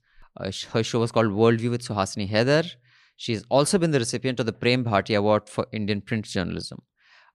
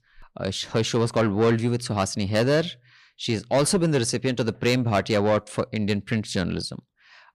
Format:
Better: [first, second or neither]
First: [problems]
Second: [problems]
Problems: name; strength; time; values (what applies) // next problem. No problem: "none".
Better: first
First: none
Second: distortion; slight; 10 dB below the speech